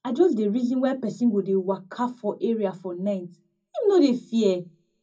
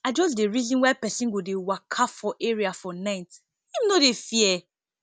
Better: second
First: room echo; dies away in 0.4 s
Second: none

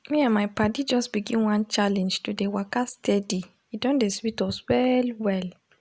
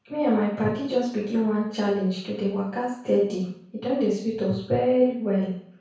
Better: first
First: none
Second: room echo; dies away in 0.6 s

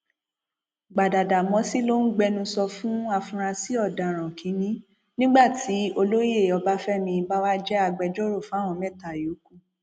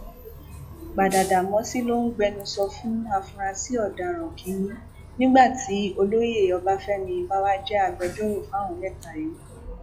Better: first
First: none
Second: noise reduction (classical method log-MMSE)

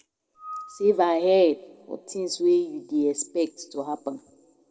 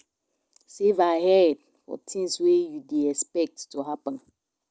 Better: second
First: background sound (Screech / Glass); 18 dB below the speech // room echo; dies away in 1.1 s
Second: none

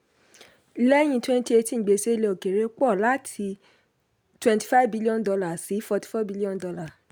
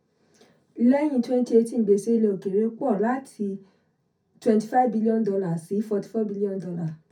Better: first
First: none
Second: room echo; dies away in 0.3 s

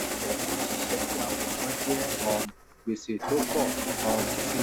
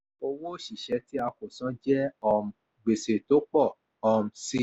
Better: second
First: background sound (Engine starting); 3 dB above the speech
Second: none

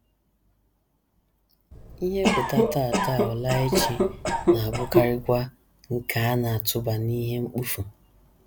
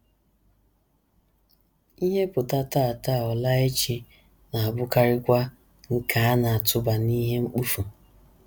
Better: second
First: background sound (Cough); 3 dB above the speech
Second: none

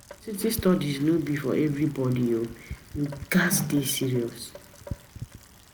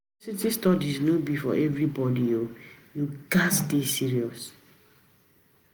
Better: second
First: background sound (Rain); 16 dB below the speech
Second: none

